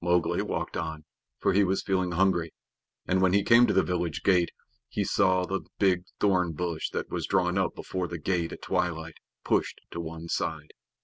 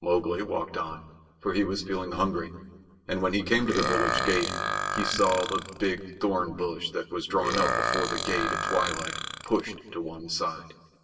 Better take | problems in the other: first | background sound (Burping, eructation); 2 dB below the speech // room echo; dies away in 1.3 s

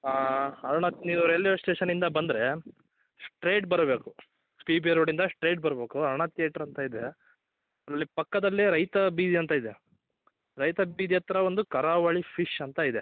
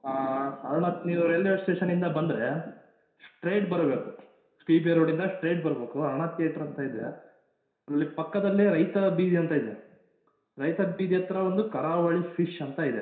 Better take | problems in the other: first | room echo; dies away in 0.7 s

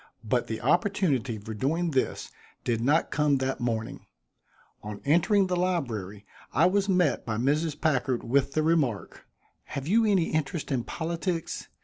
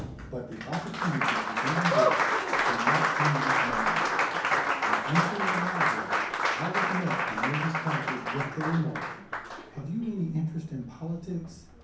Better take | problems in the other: first | background sound (Applause); 5 dB above the speech // room echo; dies away in 0.6 s

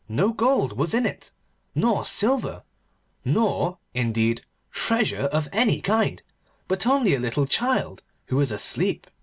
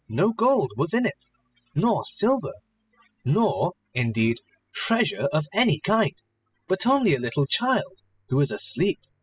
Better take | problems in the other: first | noise reduction (classical method spectral subtraction)

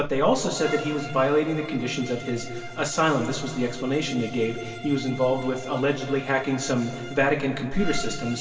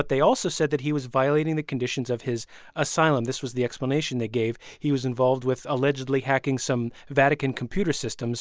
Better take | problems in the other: second | background sound (Bowed string instrument); 15 dB below the speech // room echo; dies away in 2.3 s

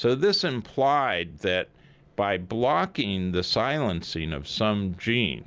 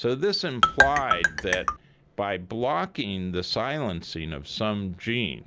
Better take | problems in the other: first | background sound (Marimba, xylophone); 5 dB above the speech

